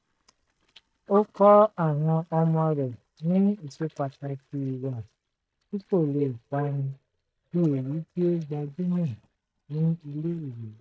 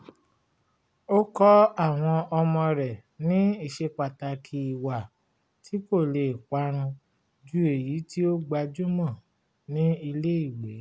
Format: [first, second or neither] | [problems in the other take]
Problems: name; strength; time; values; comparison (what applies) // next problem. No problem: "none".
second | noise reduction (neural mask model DeepFilterNet 3)